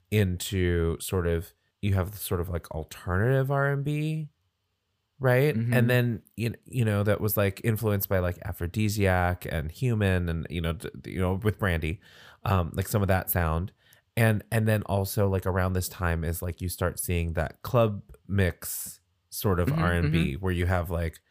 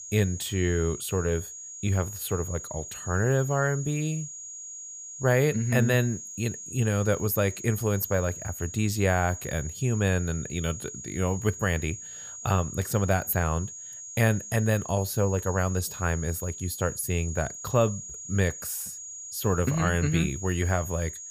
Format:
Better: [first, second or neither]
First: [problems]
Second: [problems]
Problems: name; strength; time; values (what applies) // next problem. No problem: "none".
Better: first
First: none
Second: high-pitched whine; loud; throughout; 6.5 kHz, 10 dB below the speech